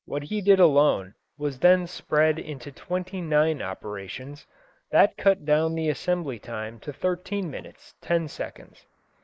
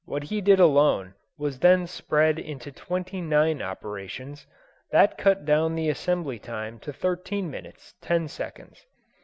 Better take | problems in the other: second | noise reduction (neural mask model Resemble Enhance denoiser)

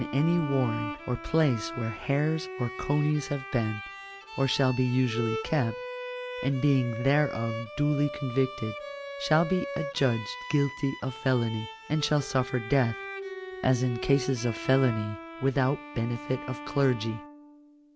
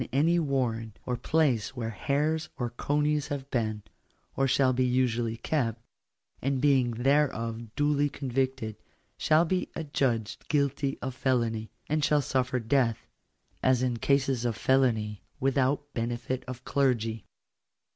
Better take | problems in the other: second | background sound (Bowed string instrument); 10 dB below the speech

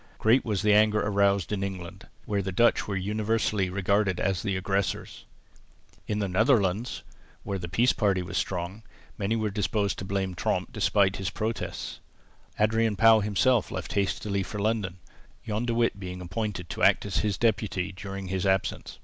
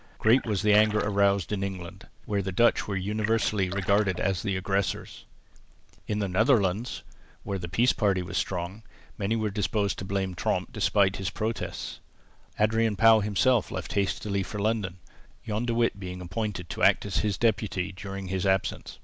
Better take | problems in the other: first | background sound (Splash, splatter); 13 dB below the speech

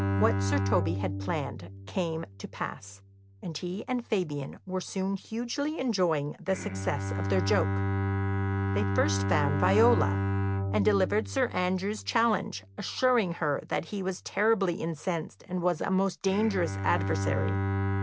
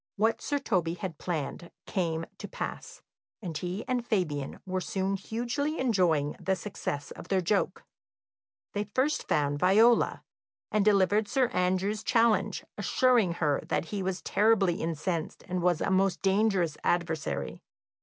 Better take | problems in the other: second | background sound (Bowed string instrument); 2 dB below the speech

